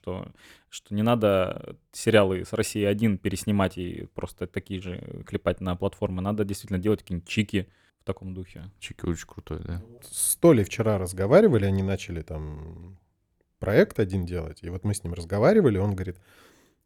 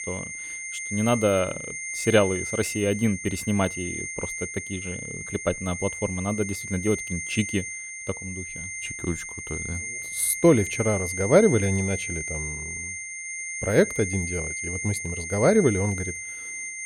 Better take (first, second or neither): first